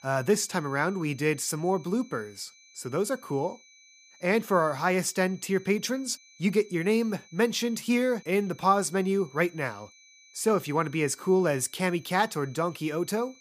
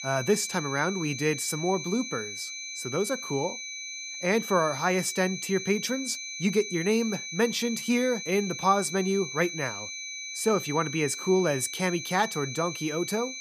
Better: first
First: high-pitched whine; faint; throughout; 2.5 kHz, 25 dB below the speech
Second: high-pitched whine; loud; throughout; 2.5 kHz, 7 dB below the speech

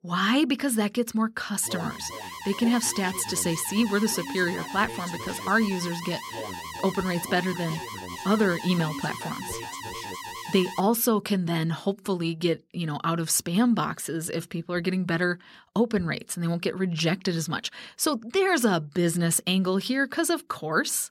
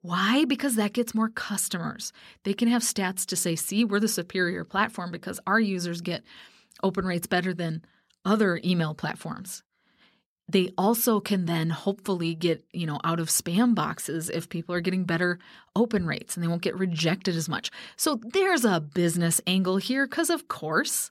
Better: second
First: alarm; noticeable; from 1.5 to 11 s; peak 9 dB below the speech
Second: none

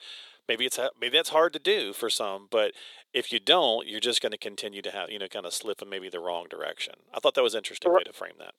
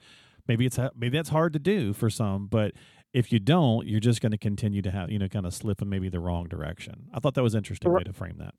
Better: second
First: thin; very; fading below 450 Hz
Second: none

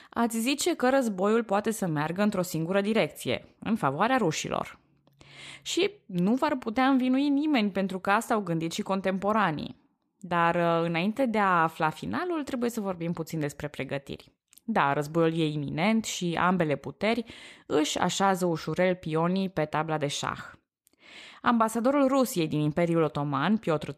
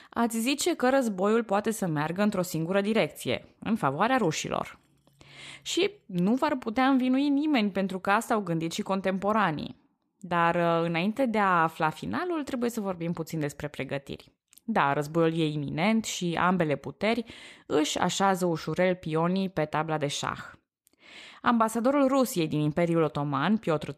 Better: first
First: none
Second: clattering dishes; faint; from 4 to 6 s; peak 20 dB below the speech

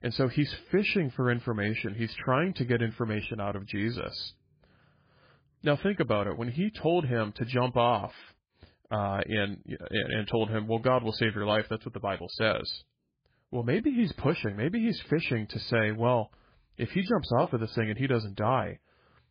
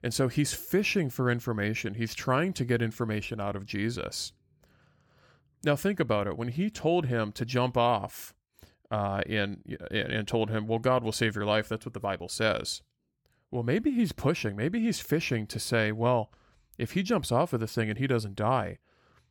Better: second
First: garbled, watery; badly; nothing above 4 kHz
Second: none

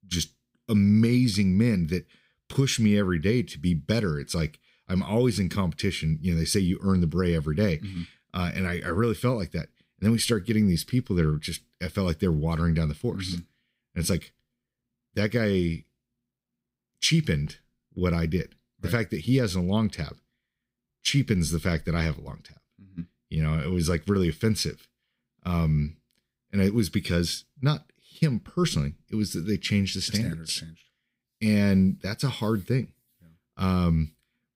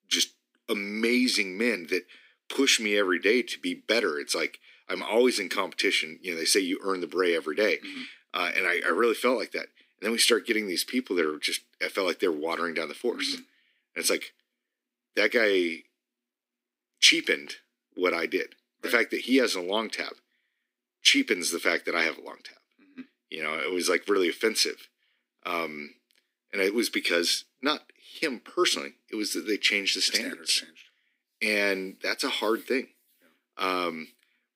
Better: first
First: none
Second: thin; very; fading below 250 Hz

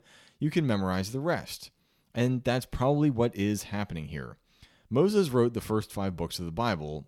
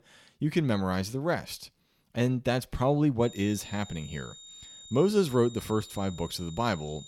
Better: first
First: none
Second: high-pitched whine; noticeable; from 3 s on; 3.5 kHz, 15 dB below the speech

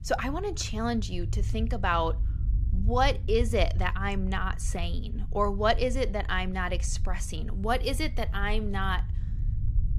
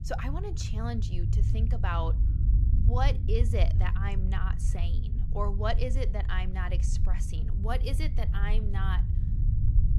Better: first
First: low rumble; faint; throughout; 20 dB below the speech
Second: low rumble; loud; throughout; 9 dB below the speech

